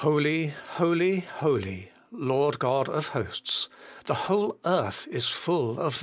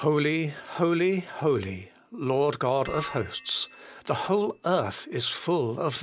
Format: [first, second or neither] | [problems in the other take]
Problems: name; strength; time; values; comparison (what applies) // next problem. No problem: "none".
first | background sound (Bell); 18 dB below the speech